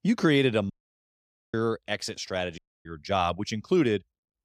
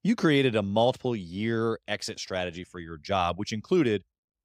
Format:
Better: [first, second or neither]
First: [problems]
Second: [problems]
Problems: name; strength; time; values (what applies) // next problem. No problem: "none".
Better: second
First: audio cutting out; at 0.5 s for 1 s and at 2.5 s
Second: none